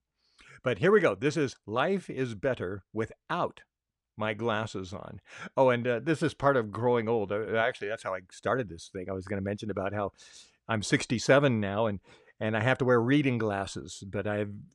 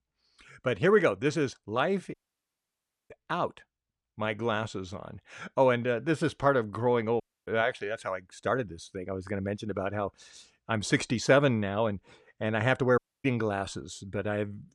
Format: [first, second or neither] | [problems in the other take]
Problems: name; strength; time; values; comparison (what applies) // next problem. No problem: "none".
first | audio cutting out; at 2 s for 1 s, at 7 s and at 13 s